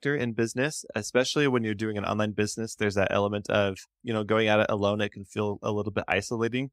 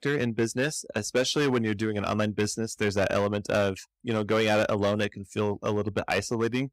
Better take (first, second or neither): first